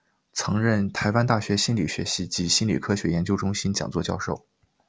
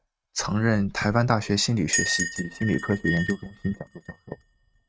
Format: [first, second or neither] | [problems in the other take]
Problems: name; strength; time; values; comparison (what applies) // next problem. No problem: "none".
first | noise reduction (neural mask model RNNoise)